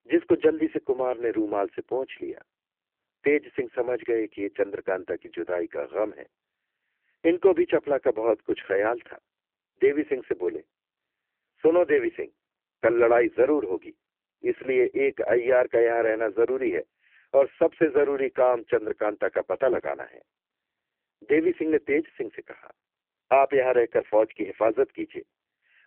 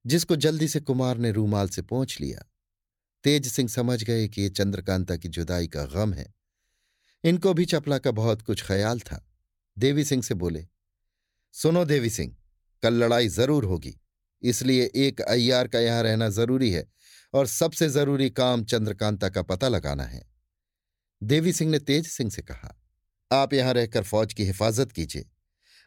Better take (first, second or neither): second